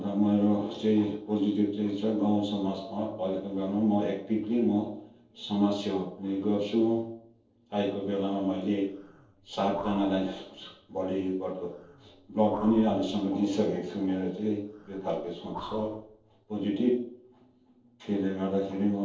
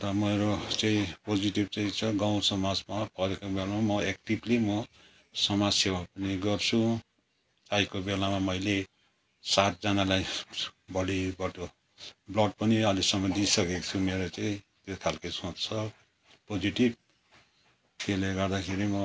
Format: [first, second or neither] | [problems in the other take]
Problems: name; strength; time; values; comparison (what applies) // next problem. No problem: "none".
second | noise reduction (neural separator model SepFormer DNS4)